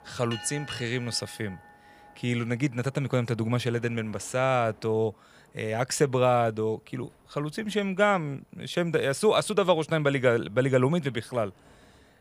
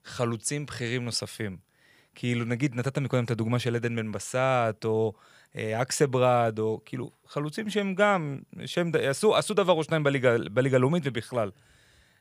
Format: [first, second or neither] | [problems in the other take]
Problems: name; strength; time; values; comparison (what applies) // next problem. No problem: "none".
second | train or aircraft noise; faint; throughout; 20 dB below the speech